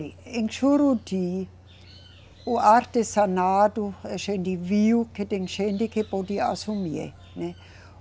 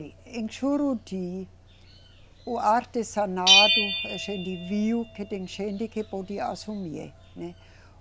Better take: first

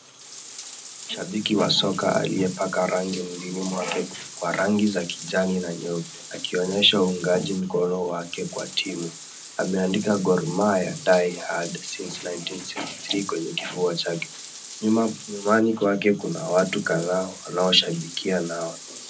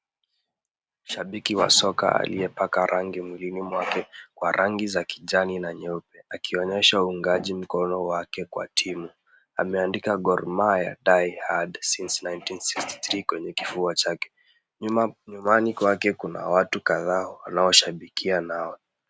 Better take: second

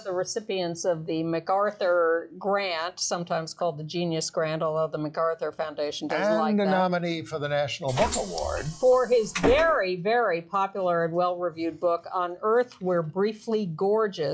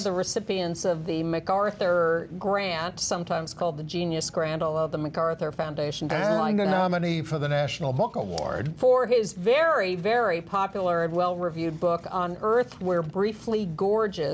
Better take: second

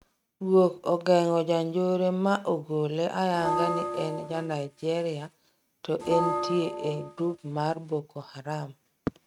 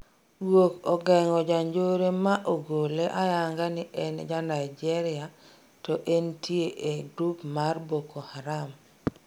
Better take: second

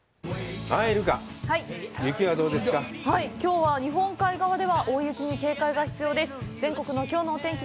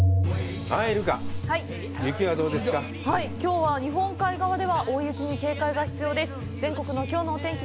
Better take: first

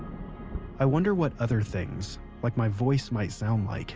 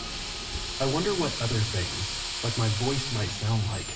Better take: first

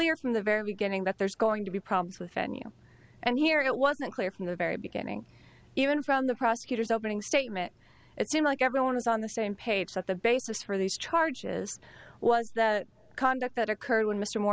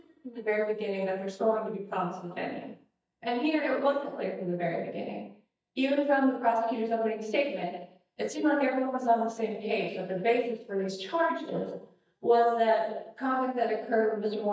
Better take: first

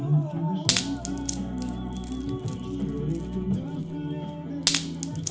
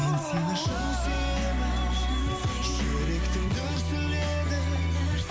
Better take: second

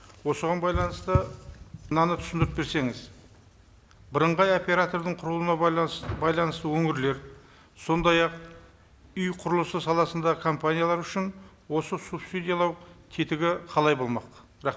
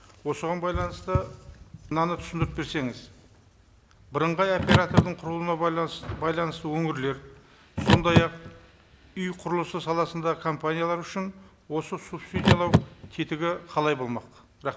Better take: first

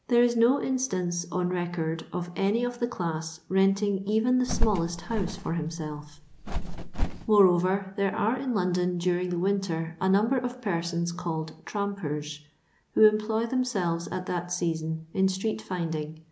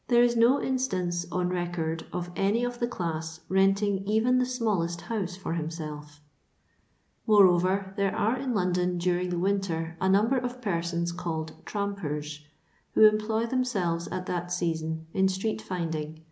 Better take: second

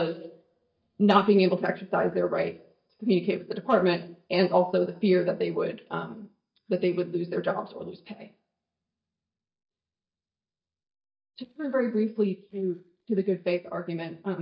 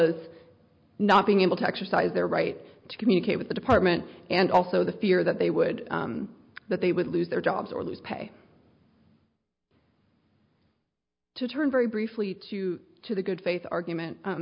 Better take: second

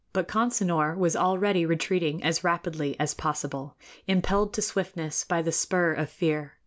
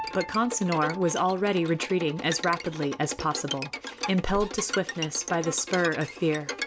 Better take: first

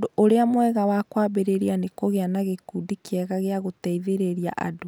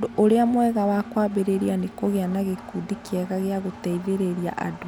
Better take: first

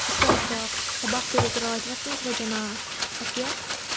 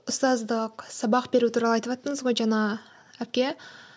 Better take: second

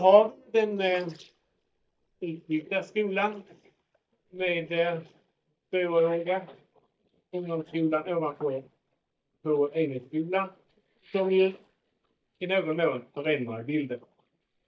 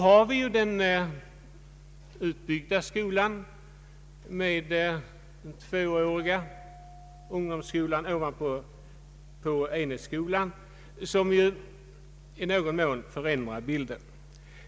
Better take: second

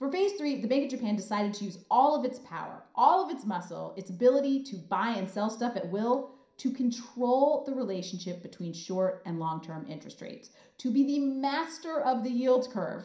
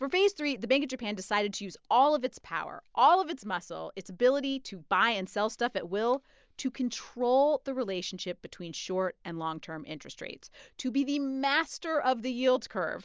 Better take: second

